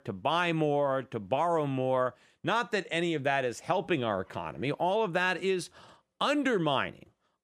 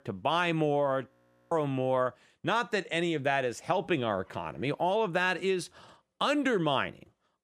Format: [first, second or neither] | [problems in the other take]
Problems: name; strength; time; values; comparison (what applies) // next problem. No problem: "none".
first | audio freezing; at 1 s